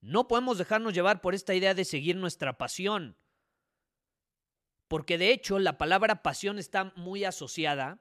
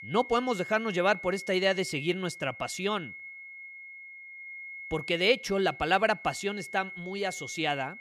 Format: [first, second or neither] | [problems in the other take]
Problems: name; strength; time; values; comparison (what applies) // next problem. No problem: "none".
first | high-pitched whine; noticeable; throughout; 2 kHz, 10 dB below the speech